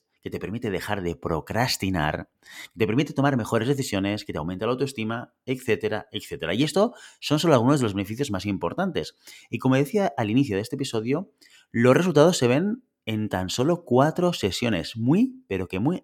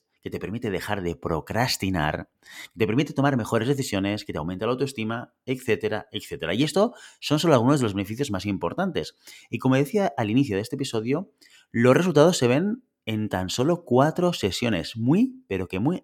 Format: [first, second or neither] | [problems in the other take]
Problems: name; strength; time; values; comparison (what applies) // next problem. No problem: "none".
neither | none